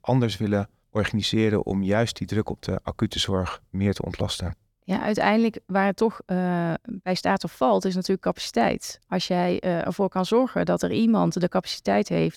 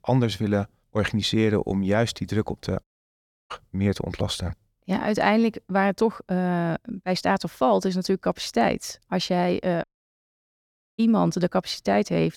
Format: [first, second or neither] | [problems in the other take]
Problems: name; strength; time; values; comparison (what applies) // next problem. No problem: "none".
first | audio cutting out; at 3 s for 0.5 s and at 10 s for 1 s